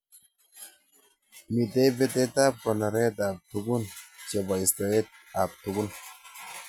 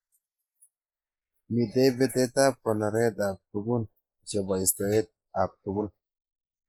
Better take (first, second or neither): first